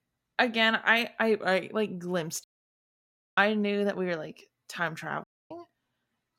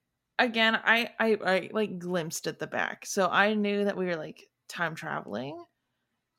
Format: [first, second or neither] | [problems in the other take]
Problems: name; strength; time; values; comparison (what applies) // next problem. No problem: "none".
second | audio cutting out; at 2.5 s for 1 s and at 5 s